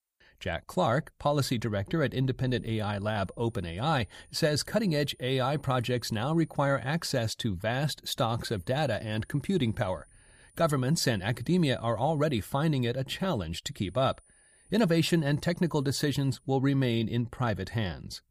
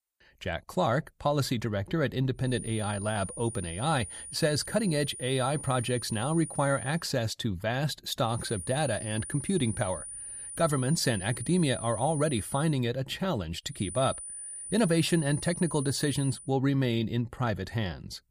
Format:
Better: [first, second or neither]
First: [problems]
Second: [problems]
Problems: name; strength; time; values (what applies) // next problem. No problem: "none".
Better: first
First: high-pitched whine; faint; from 2.5 to 7 s, from 8.5 to 13 s and from 14 to 16 s; 9.5 kHz, 30 dB below the speech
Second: high-pitched whine; loud; from 2.5 to 7 s, from 8.5 to 13 s and from 14 to 16 s; 9.5 kHz, 9 dB below the speech